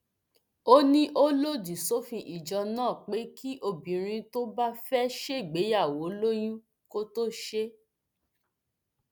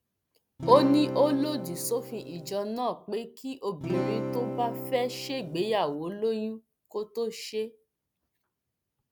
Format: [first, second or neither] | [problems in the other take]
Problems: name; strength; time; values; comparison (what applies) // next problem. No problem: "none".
first | background sound (Acoustic guitar / Strum); 5 dB below the speech